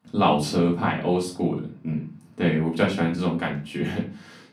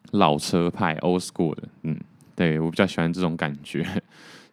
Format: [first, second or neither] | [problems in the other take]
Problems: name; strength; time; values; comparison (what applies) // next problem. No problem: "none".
second | off-mic speech; far // room echo; slight; dies away in 0.3 s